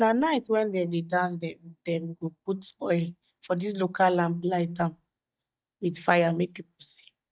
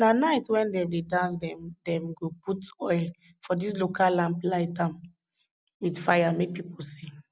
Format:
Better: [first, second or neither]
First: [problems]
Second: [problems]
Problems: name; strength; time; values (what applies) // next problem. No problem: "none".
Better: second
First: noise reduction (neural mask model DeepFilterNet 3)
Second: none